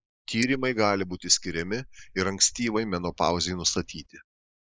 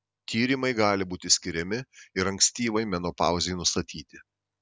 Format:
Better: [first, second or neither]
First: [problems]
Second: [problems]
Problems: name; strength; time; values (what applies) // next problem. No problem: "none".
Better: second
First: noise reduction (neural mask model Resemble Enhance denoiser)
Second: none